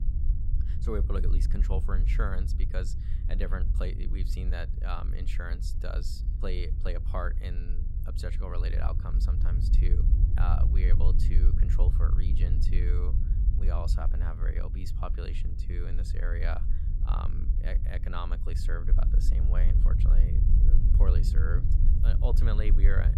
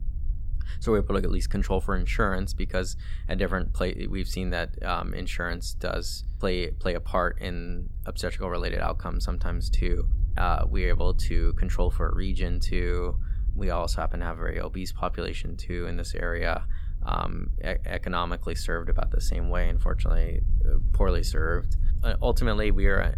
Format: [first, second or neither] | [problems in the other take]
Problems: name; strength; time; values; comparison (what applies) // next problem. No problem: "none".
second | low rumble; loud; throughout; 6 dB below the speech; faint in the second